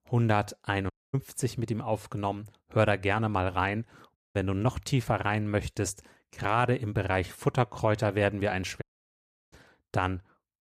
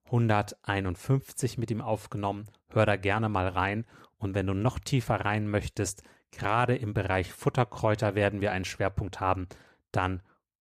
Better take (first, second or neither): second